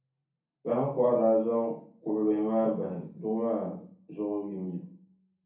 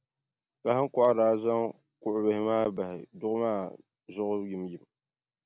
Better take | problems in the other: second | room echo; dies away in 0.6 s

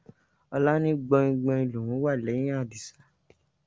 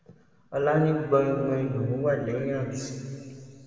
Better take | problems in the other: first | room echo; dies away in 2.7 s

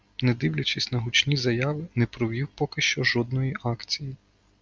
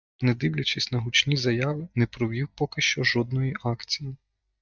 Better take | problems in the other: first | noise reduction (neural mask model DeepFilterNet 3)

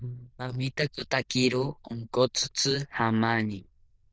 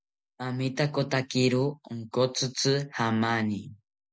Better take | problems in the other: second | noise reduction (neural diffusion model UNIVERSE++)

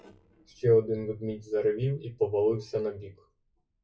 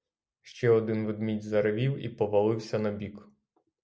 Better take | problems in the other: second | noise reduction (classical method WPE with log-MMSE)

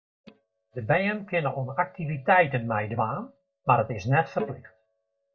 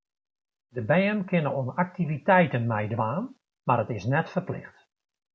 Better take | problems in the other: second | noise reduction (neural mask model DeepFilterNet 3)

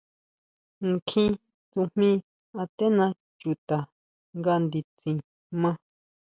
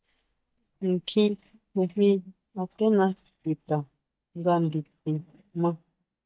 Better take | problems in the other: first | noise reduction (neural mask model DeepFilterNet 3)

